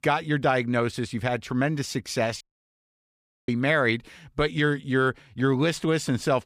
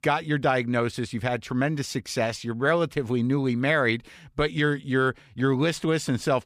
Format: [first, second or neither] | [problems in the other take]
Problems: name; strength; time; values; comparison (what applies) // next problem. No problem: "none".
second | audio cutting out; at 2.5 s for 1 s